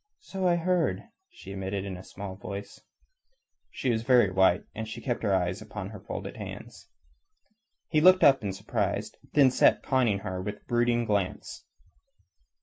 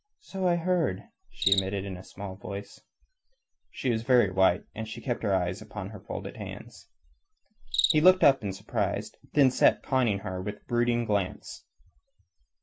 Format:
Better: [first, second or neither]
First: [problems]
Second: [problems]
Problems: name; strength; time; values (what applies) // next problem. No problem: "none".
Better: first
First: none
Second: background sound (Cricket); 12 dB below the speech